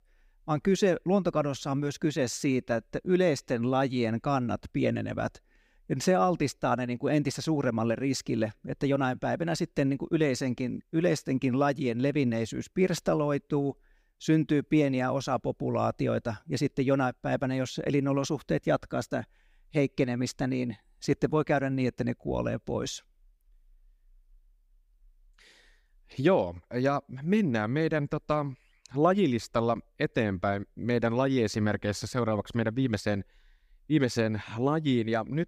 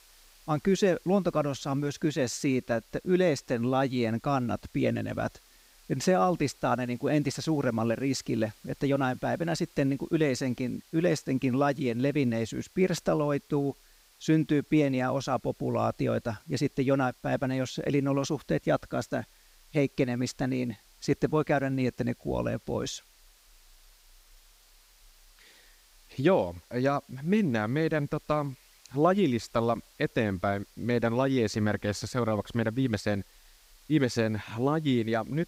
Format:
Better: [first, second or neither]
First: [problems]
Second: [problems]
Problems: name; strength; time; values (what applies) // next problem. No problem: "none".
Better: first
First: none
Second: hiss; faint; throughout; 30 dB below the speech